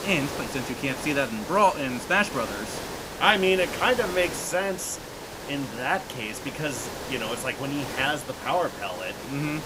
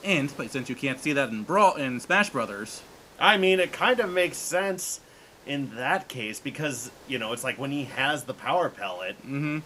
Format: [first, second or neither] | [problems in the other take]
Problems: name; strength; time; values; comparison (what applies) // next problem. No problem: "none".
second | hiss; loud; throughout; 9 dB below the speech; faint in the second